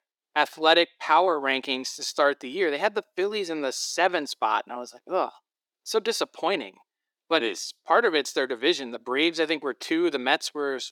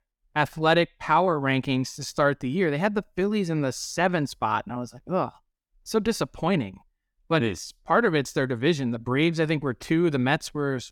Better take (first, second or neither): second